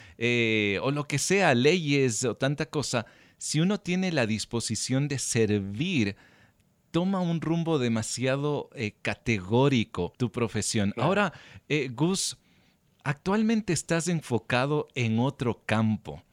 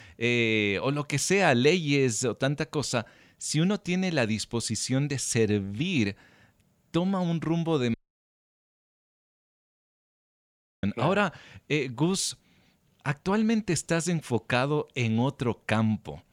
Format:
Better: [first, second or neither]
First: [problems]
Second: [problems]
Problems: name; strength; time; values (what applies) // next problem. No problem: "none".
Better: first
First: none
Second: audio cutting out; at 8 s for 3 s